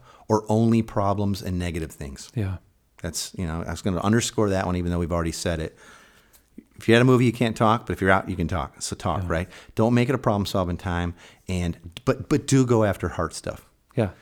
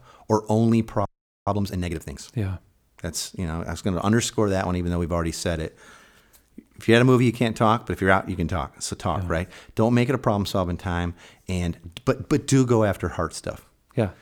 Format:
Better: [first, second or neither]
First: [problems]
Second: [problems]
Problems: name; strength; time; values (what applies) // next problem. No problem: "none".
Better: first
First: none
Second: audio freezing; at 1 s